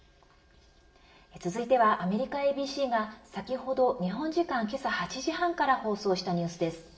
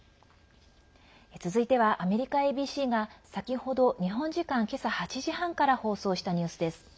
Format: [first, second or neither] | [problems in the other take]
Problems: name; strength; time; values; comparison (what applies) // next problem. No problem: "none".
second | room echo; dies away in 1.4 s